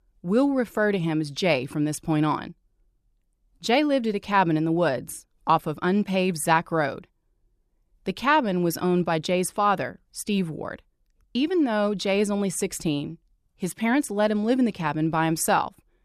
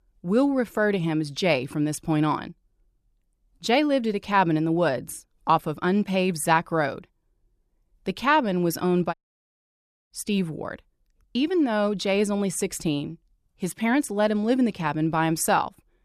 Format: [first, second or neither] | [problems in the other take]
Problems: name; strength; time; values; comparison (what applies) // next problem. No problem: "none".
first | audio cutting out; at 9 s for 1 s